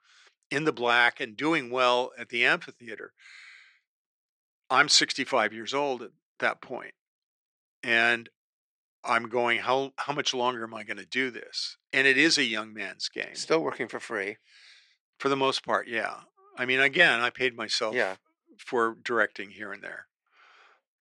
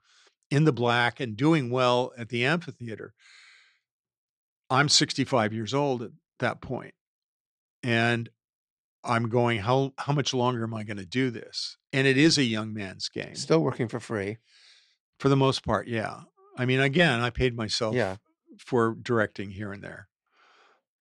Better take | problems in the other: second | thin; somewhat; fading below 350 Hz

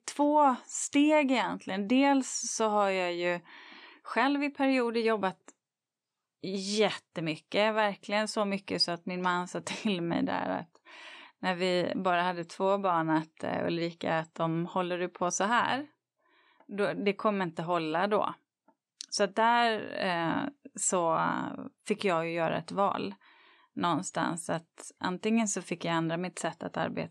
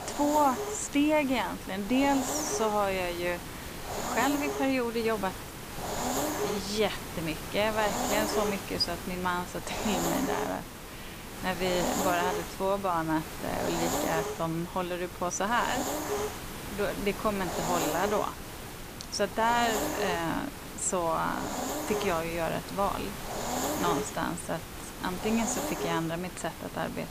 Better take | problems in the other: first | hiss; loud; throughout; 4 dB below the speech

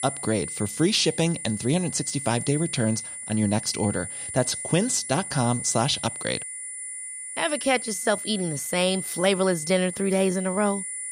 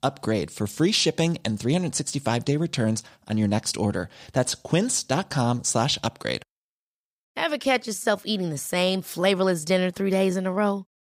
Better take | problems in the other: second | high-pitched whine; loud; throughout; 9.5 kHz, 7 dB below the speech

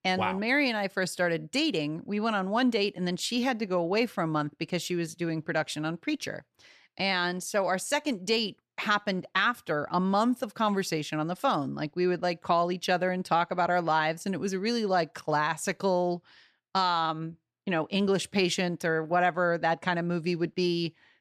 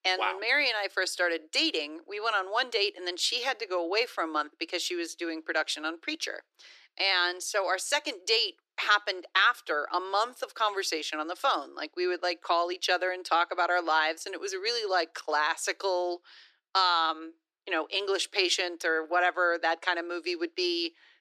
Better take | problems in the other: first | thin; very; fading below 300 Hz

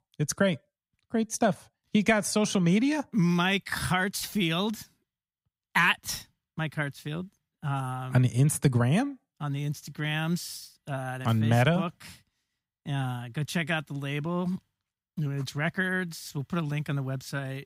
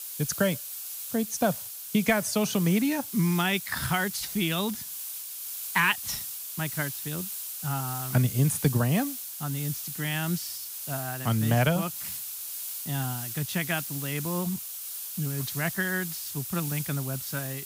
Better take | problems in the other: first | hiss; loud; throughout; 5 dB below the speech

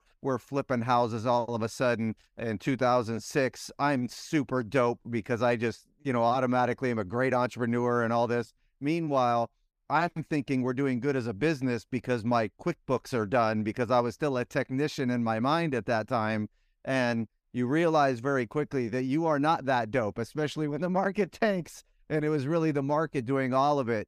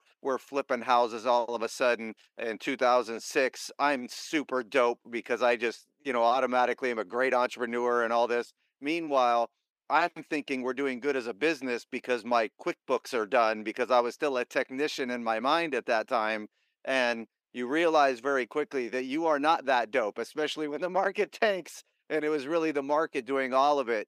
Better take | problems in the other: first | thin; somewhat; fading below 350 Hz

